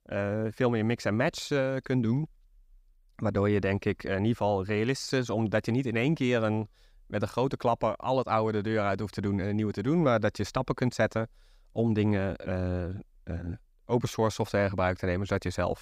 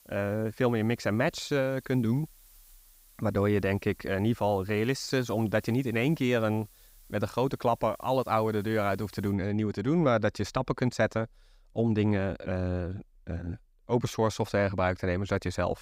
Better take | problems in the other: first | hiss; faint; until 9.5 s; 25 dB below the speech

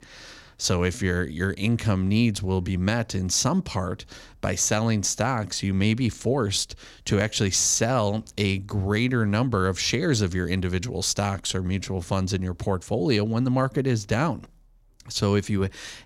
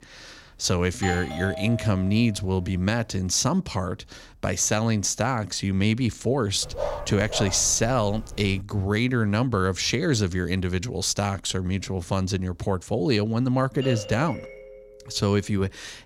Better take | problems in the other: first | doorbell; noticeable; from 1 to 2.5 s and at 14 s; peak 8 dB below the speech // dog barking; noticeable; from 6.5 to 8.5 s; peak 6 dB below the speech

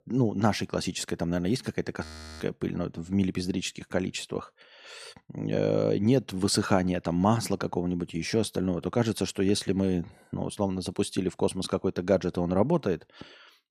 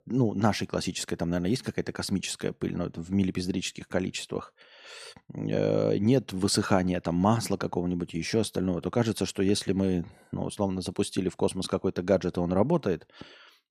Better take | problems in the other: second | audio freezing; at 2 s

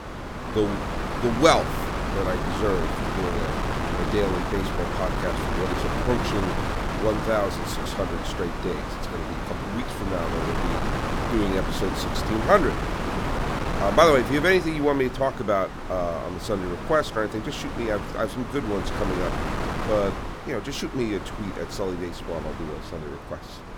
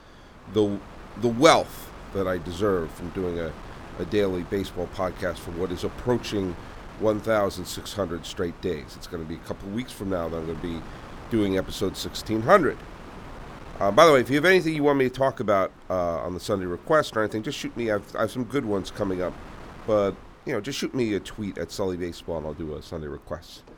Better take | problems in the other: second | wind noise on the microphone; heavy; 4 dB below the speech; occasional gusts in the second

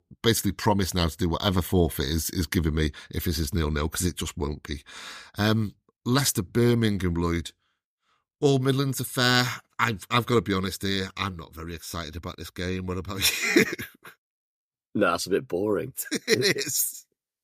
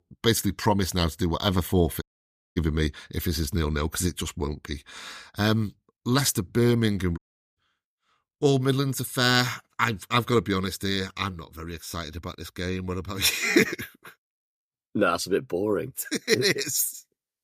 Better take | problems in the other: first | audio cutting out; at 2 s for 0.5 s and at 7 s

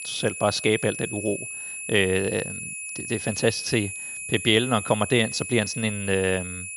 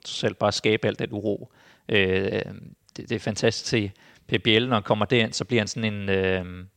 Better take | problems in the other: second | high-pitched whine; loud; throughout; 2.5 kHz, 7 dB below the speech

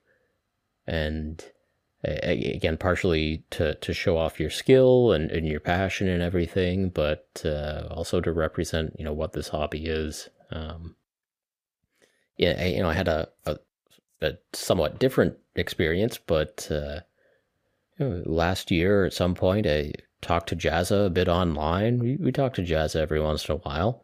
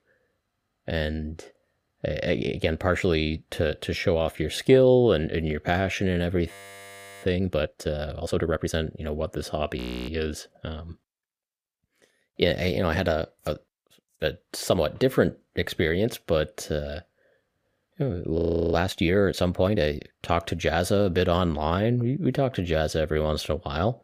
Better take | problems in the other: first | audio freezing; at 6.5 s for 0.5 s, at 10 s and at 18 s

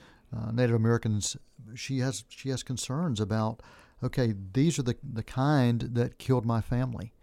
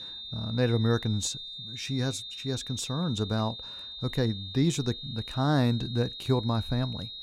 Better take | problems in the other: first | high-pitched whine; loud; throughout; 3.5 kHz, 9 dB below the speech

